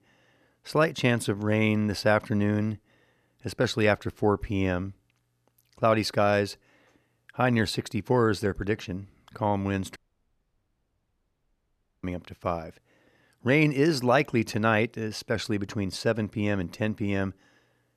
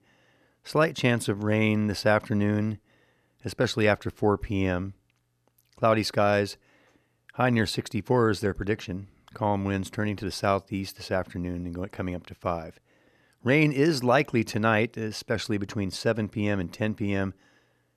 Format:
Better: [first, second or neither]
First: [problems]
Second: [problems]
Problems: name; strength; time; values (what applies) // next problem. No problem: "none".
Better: second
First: audio cutting out; at 10 s for 2 s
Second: none